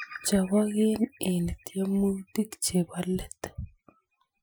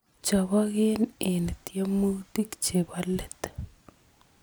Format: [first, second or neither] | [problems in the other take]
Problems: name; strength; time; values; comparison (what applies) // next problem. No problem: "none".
second | noise reduction (classical method Wiener filter)